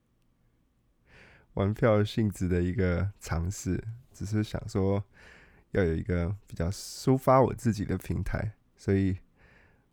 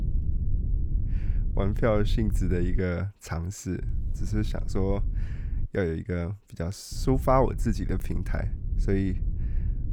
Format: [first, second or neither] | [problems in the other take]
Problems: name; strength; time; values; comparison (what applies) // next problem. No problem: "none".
first | low rumble; noticeable; until 3 s, from 4 to 5.5 s and from 7 s on; 20 dB below the speech